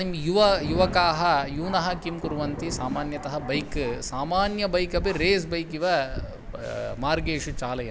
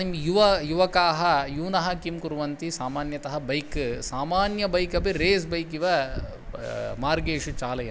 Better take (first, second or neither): second